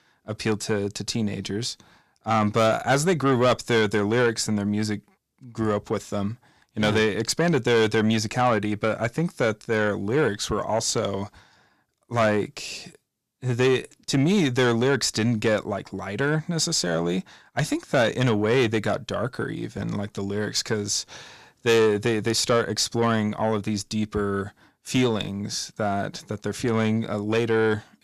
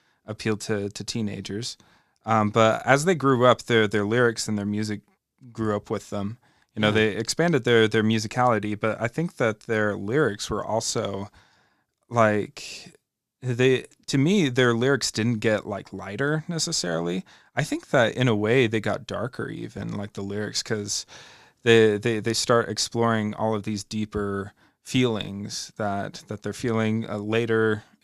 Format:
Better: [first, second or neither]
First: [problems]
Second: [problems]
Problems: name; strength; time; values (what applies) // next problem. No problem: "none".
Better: second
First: distortion; slight; 10 dB below the speech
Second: none